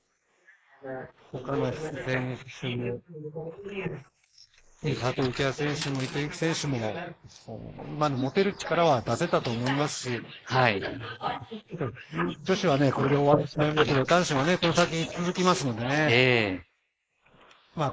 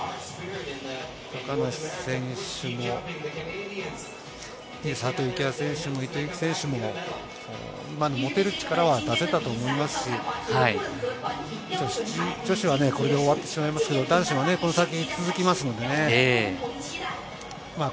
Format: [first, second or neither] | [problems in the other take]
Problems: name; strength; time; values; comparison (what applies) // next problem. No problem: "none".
second | noise reduction (neural mask model Resemble Enhance denoiser)